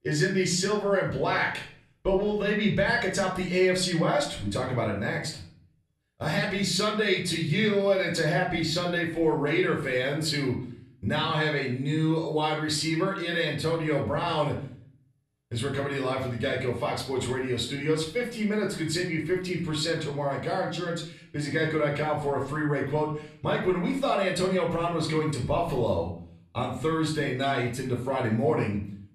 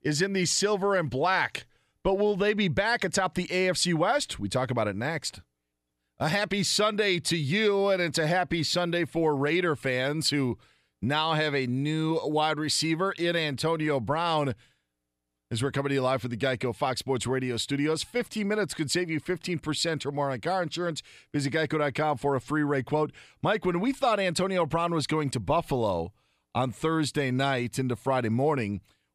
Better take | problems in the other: second | off-mic speech; far // room echo; slight; dies away in 0.5 s

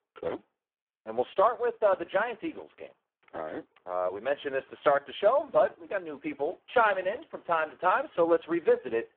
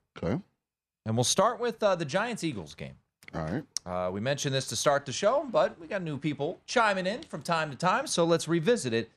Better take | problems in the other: second | phone-call audio; poor line

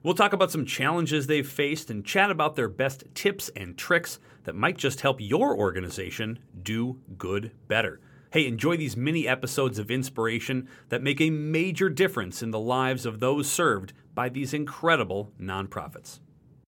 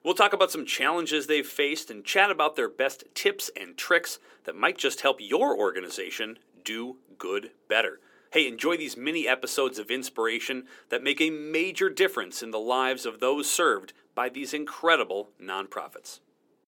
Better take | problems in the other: first | thin; somewhat; fading below 300 Hz

